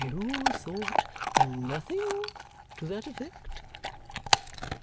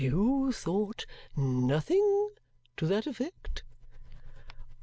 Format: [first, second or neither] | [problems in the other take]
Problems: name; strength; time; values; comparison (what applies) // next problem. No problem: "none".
second | background sound (Chewing, mastication / Dog); 4 dB above the speech